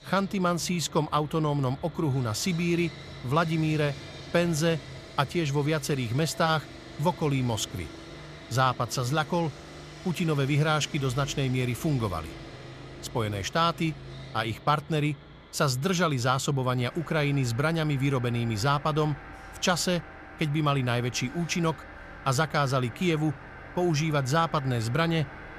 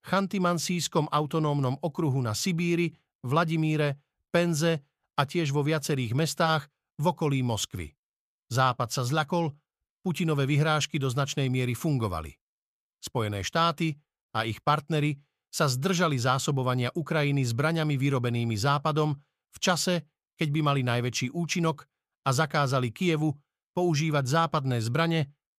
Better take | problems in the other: second | machinery noise; noticeable; throughout; 15 dB below the speech

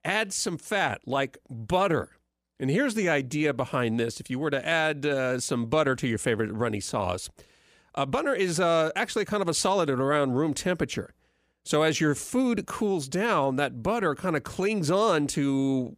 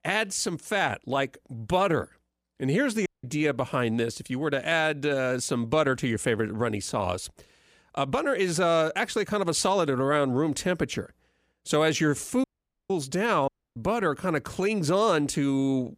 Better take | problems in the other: first | audio cutting out; at 3 s, at 12 s and at 13 s

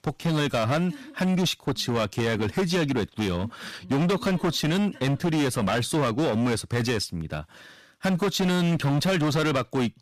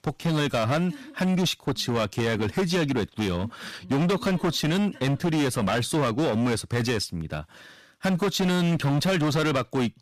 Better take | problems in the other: neither | distortion; heavy; 21% of the sound clipped; the same in both

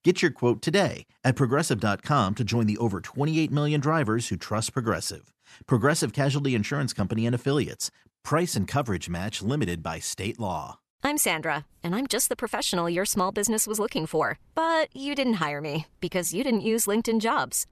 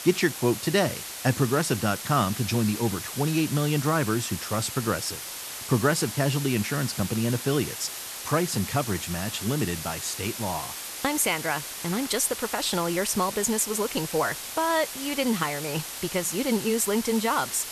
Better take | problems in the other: first | hiss; loud; throughout; 7 dB below the speech

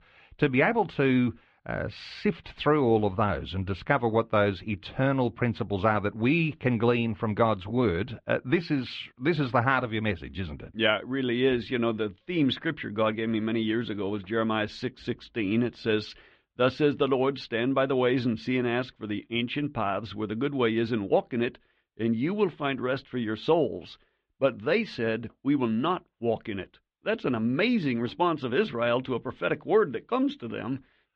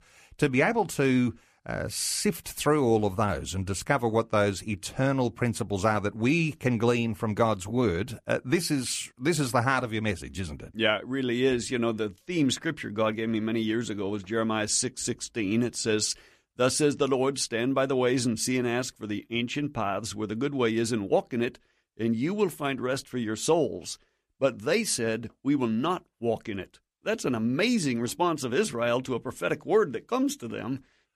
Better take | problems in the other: second | muffled; very; fading above 3.5 kHz

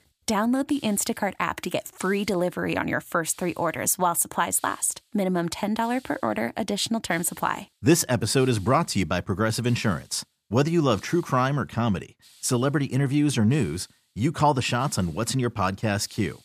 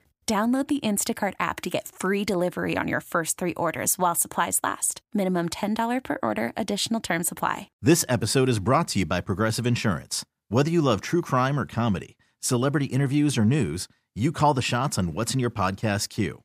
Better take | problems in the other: second | hiss; faint; throughout; 30 dB below the speech

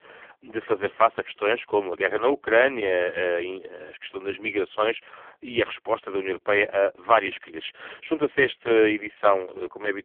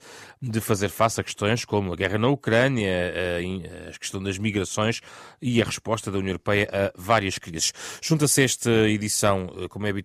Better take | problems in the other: second | phone-call audio; poor line; nothing above 3.5 kHz

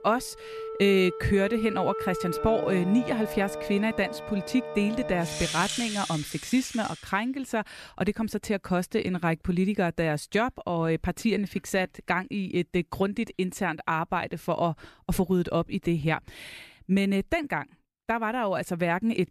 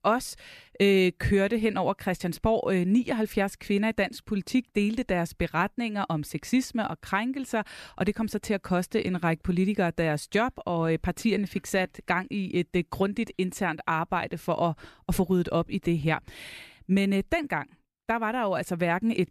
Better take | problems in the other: second | background music; loud; until 7 s; 7 dB below the speech

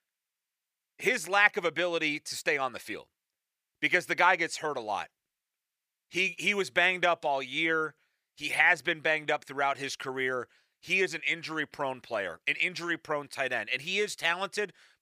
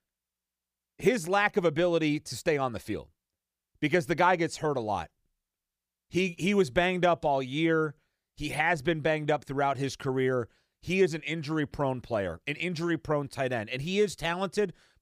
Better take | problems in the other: second | thin; somewhat; fading below 900 Hz

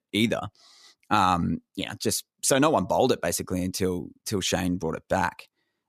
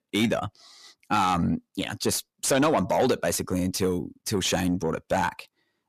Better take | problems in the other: first | distortion; slight; 10 dB below the speech

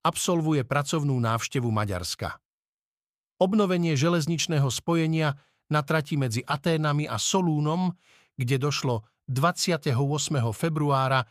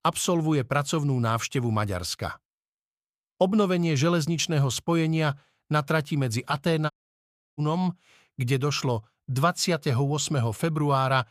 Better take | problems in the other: first | audio cutting out; at 7 s for 0.5 s

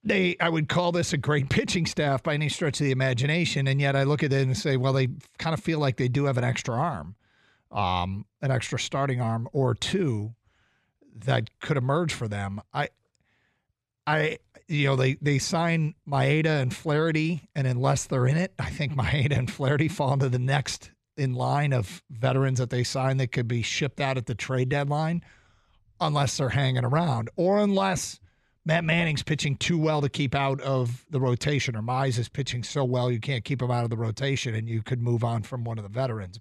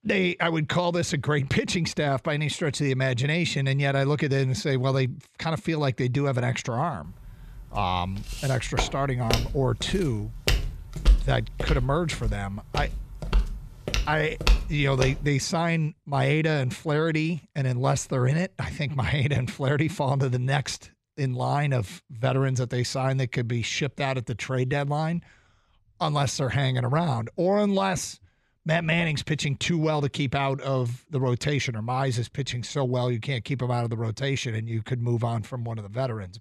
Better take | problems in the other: first | footsteps; loud; from 8.5 to 15 s; peak 2 dB above the speech

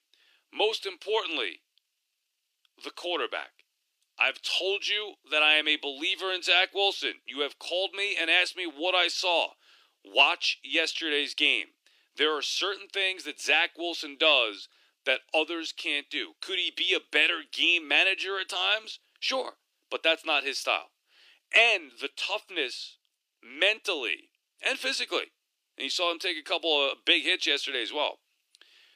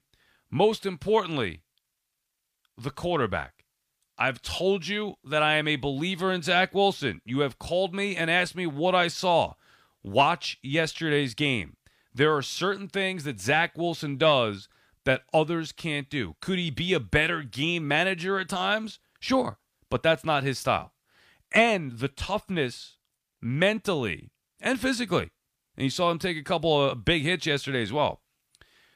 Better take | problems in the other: second | thin; somewhat; fading below 300 Hz

